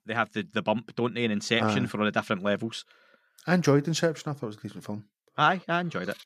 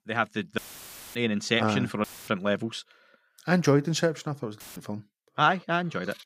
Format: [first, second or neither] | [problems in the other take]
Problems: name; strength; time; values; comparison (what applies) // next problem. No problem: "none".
first | audio cutting out; filled with static; at 0.5 s for 0.5 s, at 2 s and at 4.5 s